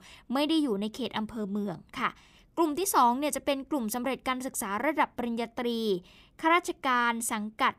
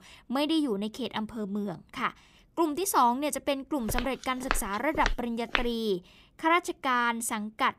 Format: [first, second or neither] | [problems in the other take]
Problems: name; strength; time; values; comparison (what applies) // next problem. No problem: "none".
first | footsteps; noticeable; from 4 to 5.5 s; peak 2 dB below the speech